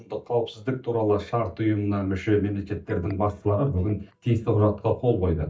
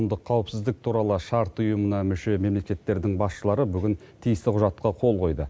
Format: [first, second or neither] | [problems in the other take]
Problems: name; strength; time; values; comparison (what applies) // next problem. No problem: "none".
second | noise reduction (neural mask model DeepFilterNet 3)